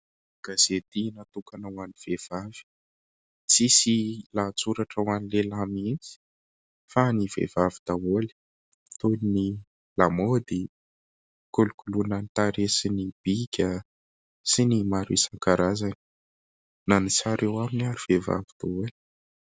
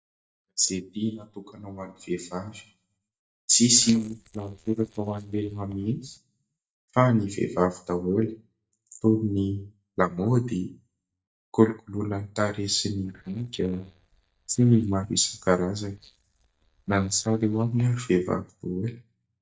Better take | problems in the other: first | noise reduction (neural mask model DeepFilterNet 3)

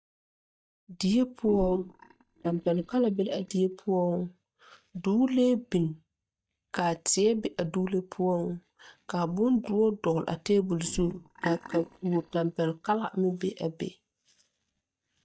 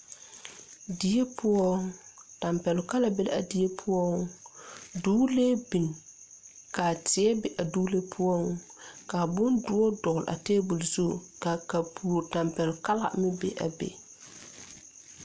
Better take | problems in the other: second | noise reduction (neural mask model DeepFilterNet 3)

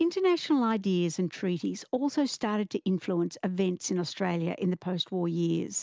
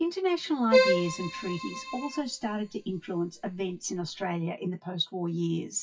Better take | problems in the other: first | noise reduction (classical method WPE with log-MMSE)

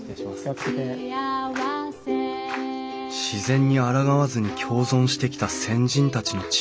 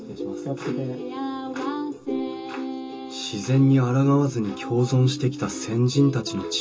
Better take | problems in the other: first | room echo; dies away in 0.2 s

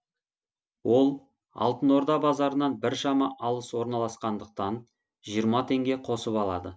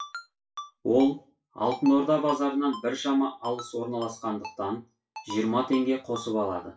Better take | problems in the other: first | noise reduction (classical method WPE with log-MMSE)

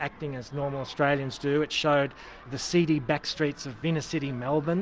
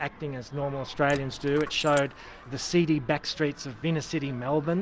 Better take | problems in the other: first | background sound (Coin (dropping)); 18 dB below the speech

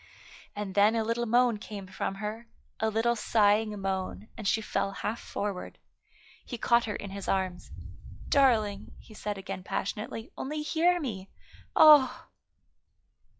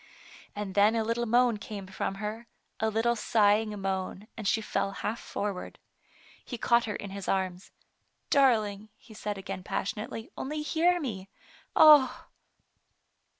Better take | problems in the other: second | noise reduction (classical method log-MMSE)

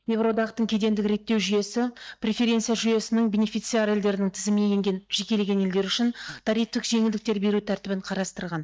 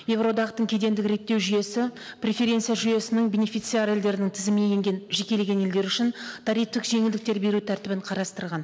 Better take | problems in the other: second | noise reduction (neural mask model DeepFilterNet 3)

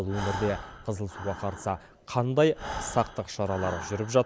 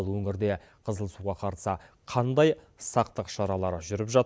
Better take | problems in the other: second | background sound (Breathing); 11 dB below the speech

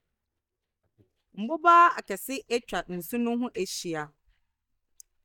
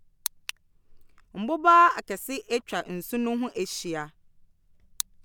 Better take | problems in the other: second | noise reduction (neural mask model DeepFilterNet 3)

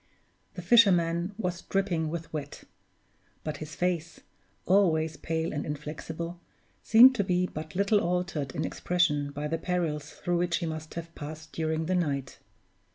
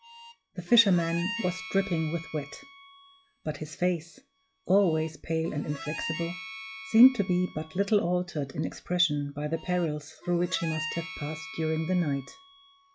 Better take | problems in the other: first | noise reduction (classical method log-MMSE)

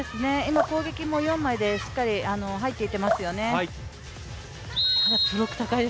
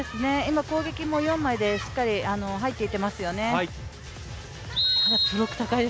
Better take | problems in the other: second | background sound (Drip); 8 dB below the speech

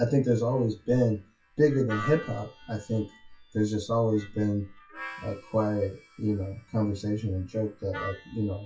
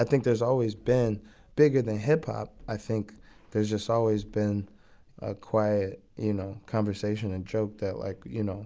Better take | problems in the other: second | noise reduction (classical method WPE with log-MMSE)

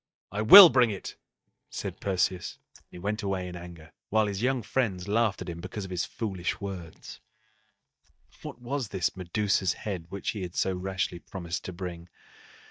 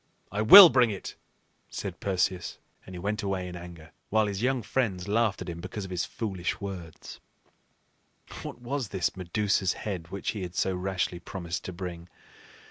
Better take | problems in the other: second | noise reduction (neural mask model DeepFilterNet 3)

